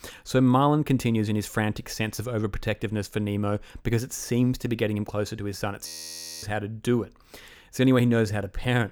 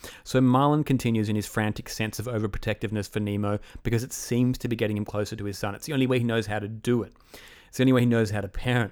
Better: second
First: audio freezing; at 6 s for 0.5 s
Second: none

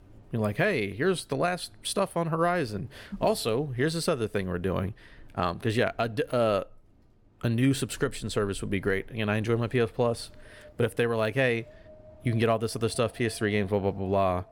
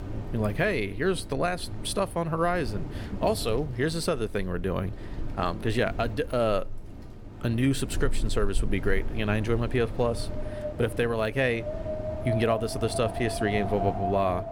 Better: first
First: wind in the background; faint; throughout; 25 dB below the speech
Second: wind in the background; loud; throughout; 8 dB below the speech

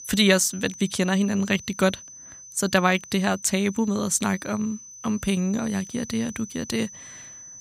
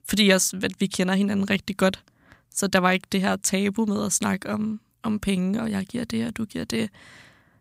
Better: second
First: high-pitched whine; noticeable; throughout; 6 kHz, 15 dB below the speech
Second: none

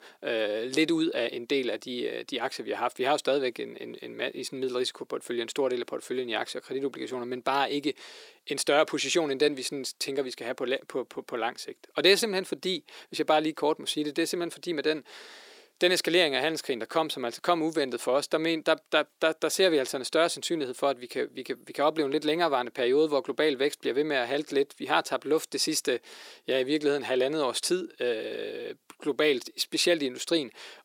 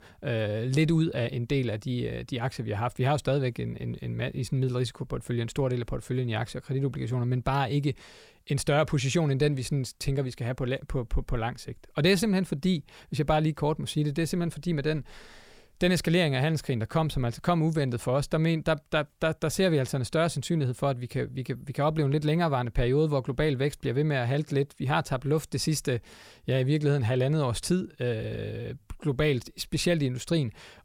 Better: second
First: thin; somewhat; fading below 300 Hz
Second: none

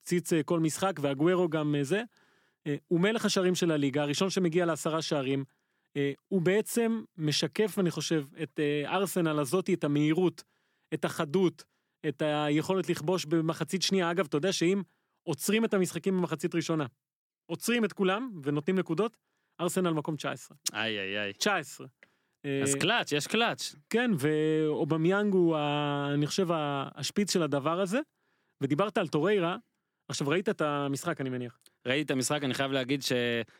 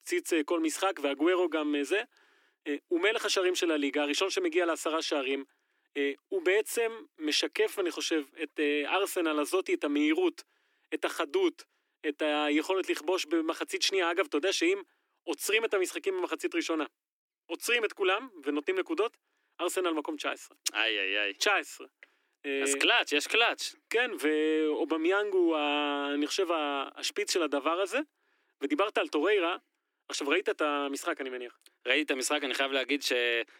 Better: first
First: none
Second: thin; somewhat; fading below 300 Hz

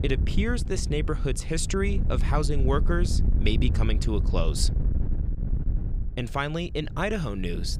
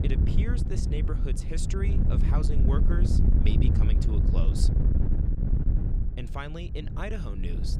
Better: first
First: wind noise on the microphone; occasional gusts; 10 dB below the speech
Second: wind noise on the microphone; heavy; as loud as the speech

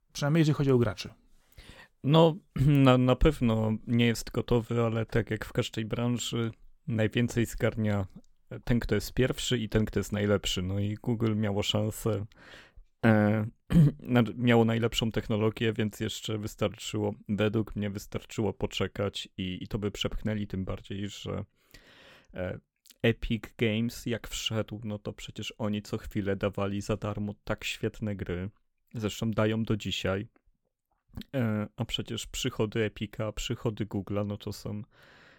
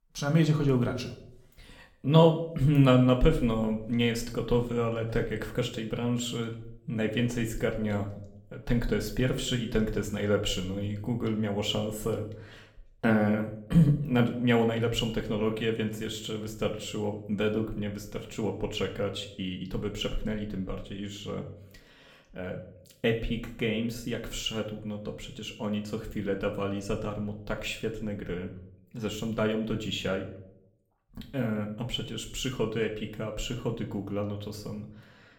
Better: first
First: none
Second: room echo; slight; dies away in 0.5 s // off-mic speech; somewhat distant

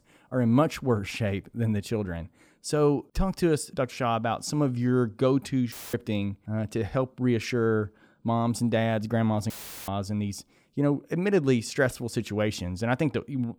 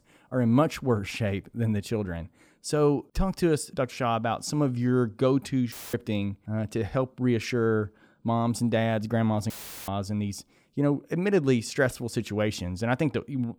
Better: neither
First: audio cutting out; filled with static; at 5.5 s and at 9.5 s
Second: audio cutting out; filled with static; at 5.5 s and at 9.5 s

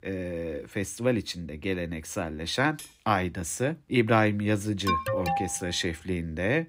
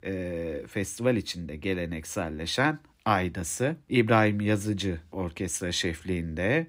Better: second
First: clattering dishes; faint; at 3 s; peak 15 dB below the speech // alarm; loud; at 5 s; peak 1 dB above the speech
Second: none

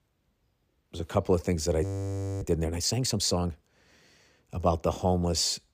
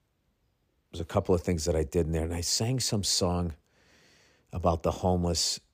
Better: second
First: audio freezing; at 2 s for 0.5 s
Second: none

